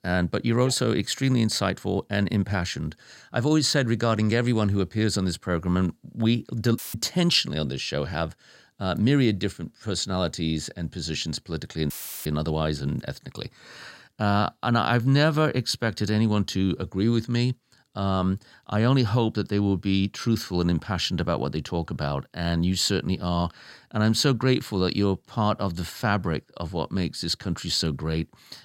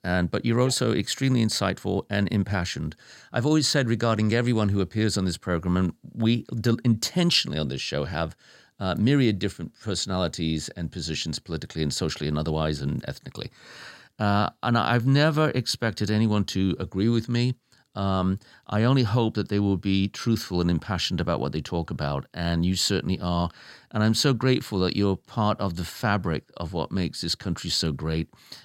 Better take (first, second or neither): second